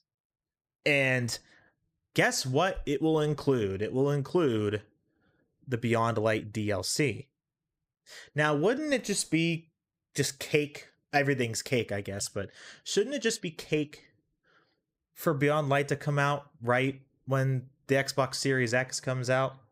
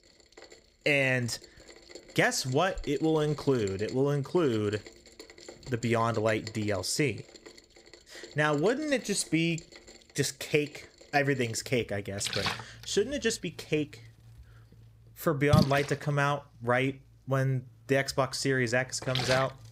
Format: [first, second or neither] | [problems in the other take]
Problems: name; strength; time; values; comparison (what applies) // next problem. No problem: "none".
first | rain or running water; loud; throughout; 9 dB below the speech